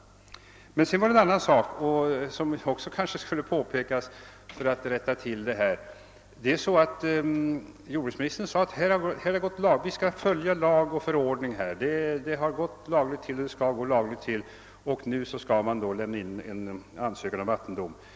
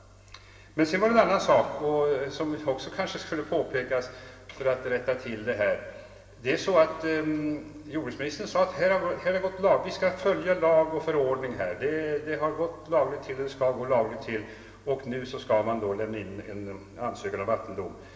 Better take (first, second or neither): first